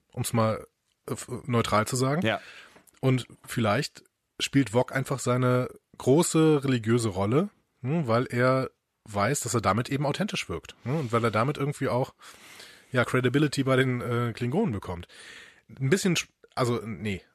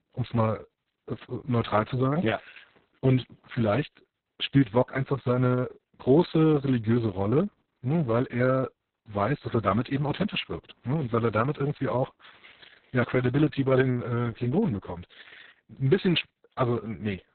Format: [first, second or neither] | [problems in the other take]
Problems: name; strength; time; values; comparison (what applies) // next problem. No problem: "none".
first | garbled, watery; badly; nothing above 4 kHz